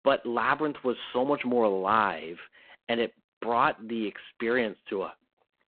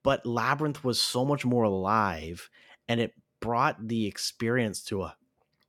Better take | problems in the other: second | phone-call audio; poor line

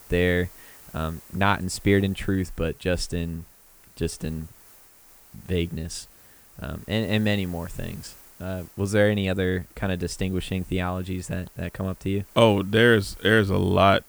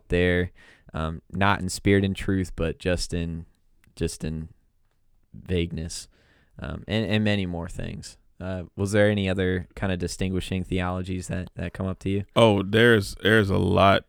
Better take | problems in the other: second | hiss; faint; throughout; 25 dB below the speech

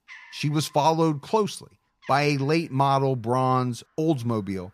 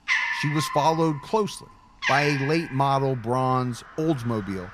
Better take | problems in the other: first | animal sounds; loud; throughout; 3 dB below the speech; faint in the first

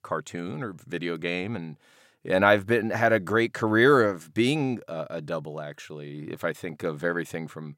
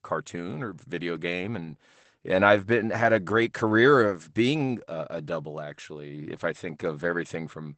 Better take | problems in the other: first | garbled, watery; badly; nothing above 8 kHz

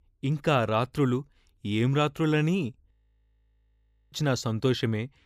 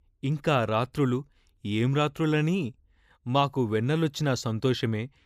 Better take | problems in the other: second | audio freezing; at 3 s for 1 s

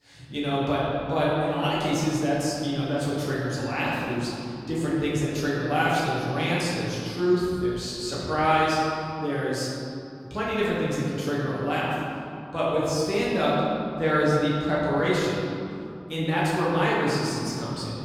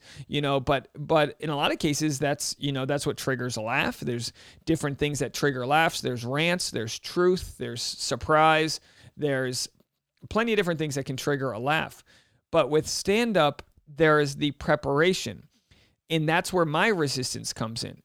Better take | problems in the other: second | off-mic speech; far // room echo; strong; dies away in 2.6 s

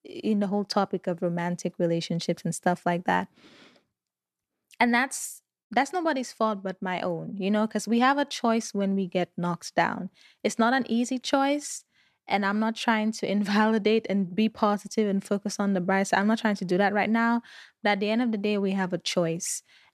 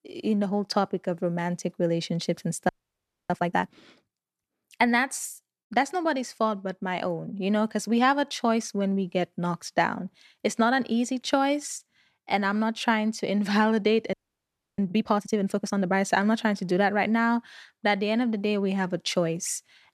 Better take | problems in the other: first | audio freezing; at 2.5 s for 0.5 s and at 14 s for 0.5 s

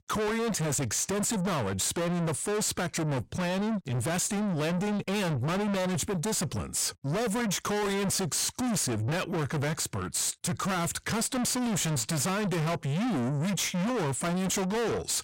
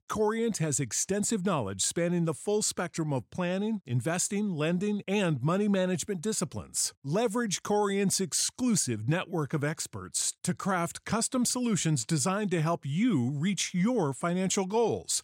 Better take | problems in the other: second | distortion; heavy; 5 dB below the speech

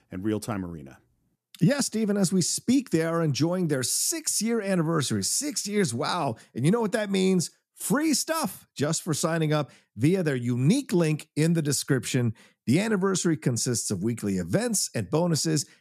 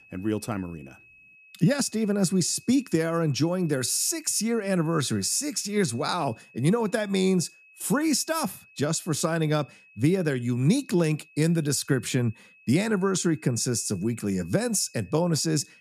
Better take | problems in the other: first | high-pitched whine; faint; throughout; 2.5 kHz, 25 dB below the speech

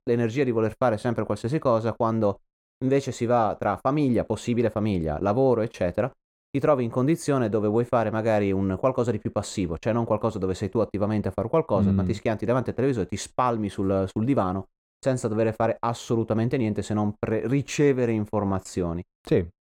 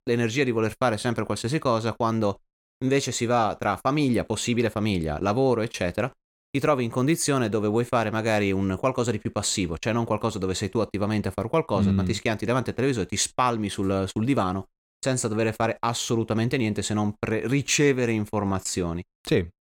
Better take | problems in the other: second | muffled; slightly; fading above 2 kHz

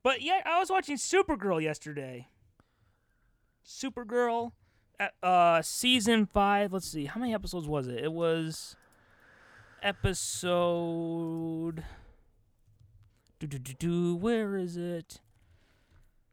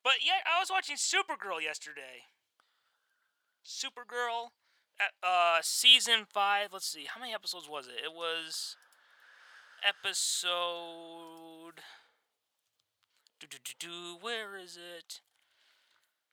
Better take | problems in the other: first | thin; very; fading below 950 Hz

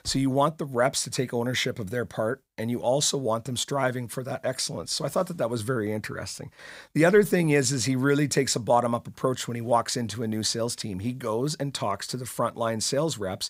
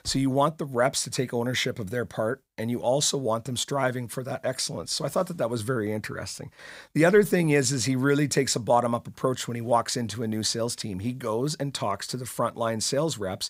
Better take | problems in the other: neither | none

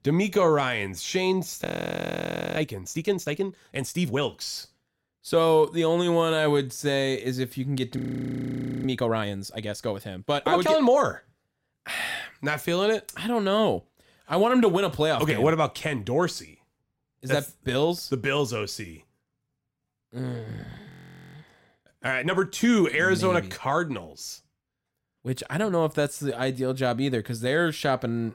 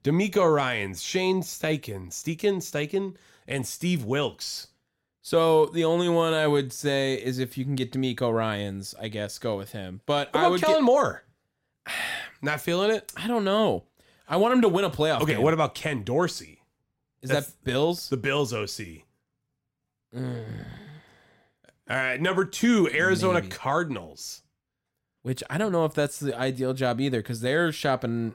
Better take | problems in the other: second | audio freezing; at 1.5 s for 1 s, at 8 s for 1 s and at 21 s

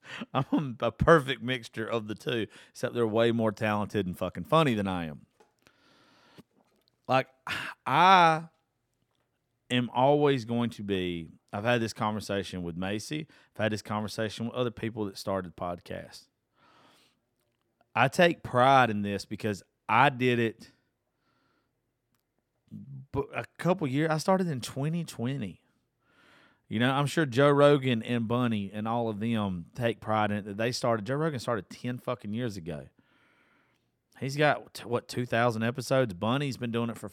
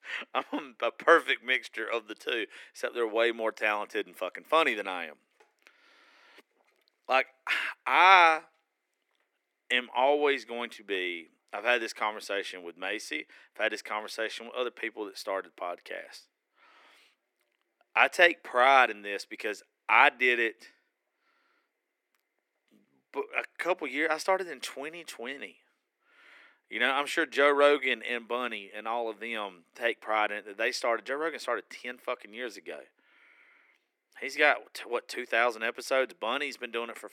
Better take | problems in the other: first | thin; very; fading below 350 Hz

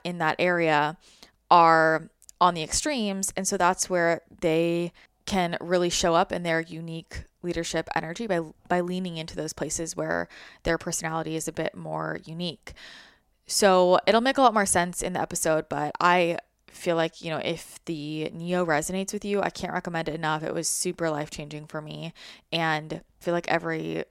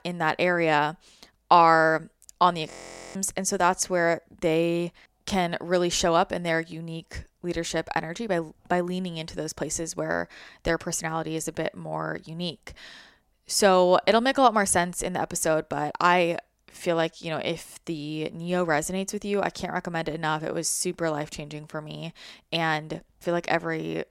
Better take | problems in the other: first | audio freezing; at 2.5 s

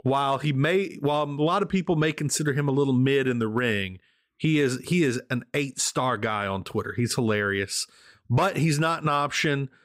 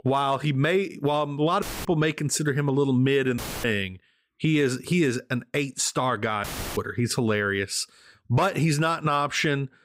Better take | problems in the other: first | audio cutting out; filled with static; at 1.5 s, at 3.5 s and at 6.5 s

